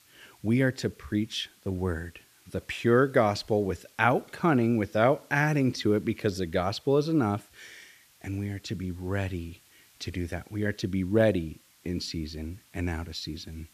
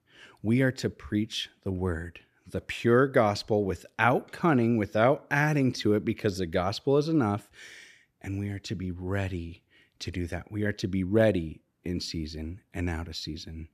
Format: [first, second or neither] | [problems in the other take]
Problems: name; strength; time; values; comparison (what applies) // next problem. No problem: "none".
second | hiss; faint; throughout; 30 dB below the speech